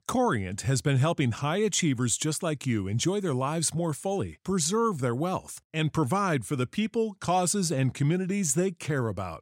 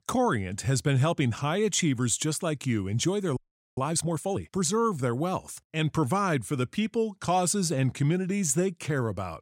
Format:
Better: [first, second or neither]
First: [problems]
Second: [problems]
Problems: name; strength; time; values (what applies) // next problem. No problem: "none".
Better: first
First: none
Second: audio freezing; at 3.5 s